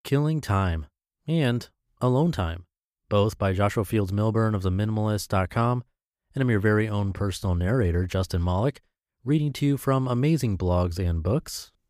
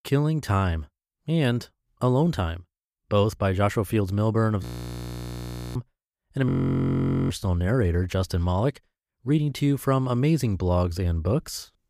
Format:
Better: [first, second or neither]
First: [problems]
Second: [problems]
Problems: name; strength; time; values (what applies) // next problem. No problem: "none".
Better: first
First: none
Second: audio freezing; at 4.5 s for 1 s and at 6.5 s for 1 s